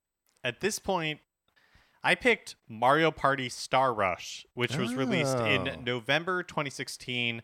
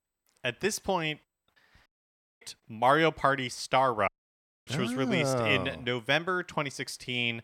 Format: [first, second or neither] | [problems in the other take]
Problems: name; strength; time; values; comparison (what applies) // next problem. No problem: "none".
first | audio cutting out; at 2 s for 0.5 s and at 4 s for 0.5 s